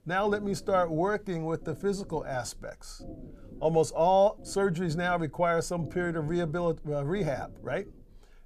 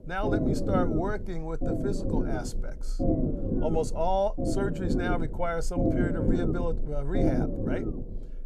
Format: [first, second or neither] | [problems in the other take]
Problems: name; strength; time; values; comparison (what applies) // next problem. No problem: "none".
first | low rumble; loud; throughout; 2 dB below the speech; faint in the first